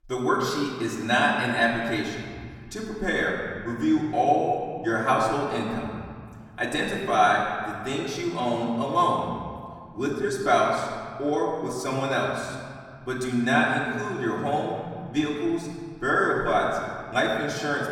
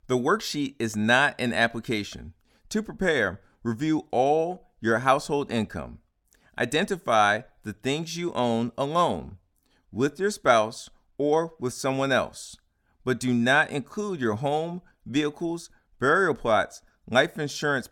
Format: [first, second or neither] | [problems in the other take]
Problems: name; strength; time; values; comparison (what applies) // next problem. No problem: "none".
second | off-mic speech; far // room echo; noticeable; dies away in 1.9 s